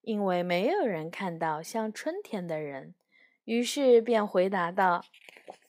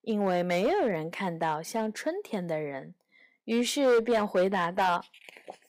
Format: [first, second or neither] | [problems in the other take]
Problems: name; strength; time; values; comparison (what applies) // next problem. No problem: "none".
first | distortion; slight; 5% of the sound clipped